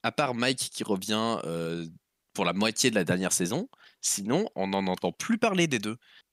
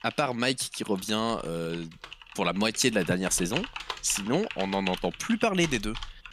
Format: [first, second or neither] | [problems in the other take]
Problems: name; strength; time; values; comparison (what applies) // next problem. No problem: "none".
first | household noises; noticeable; throughout; 10 dB below the speech